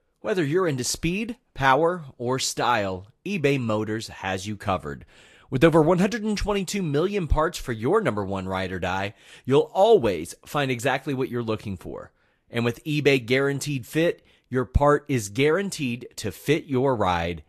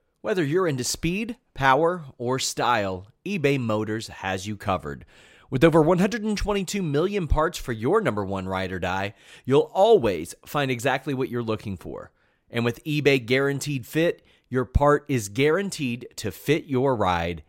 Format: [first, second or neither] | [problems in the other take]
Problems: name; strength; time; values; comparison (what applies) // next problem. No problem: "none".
second | garbled, watery; slightly; nothing above 13 kHz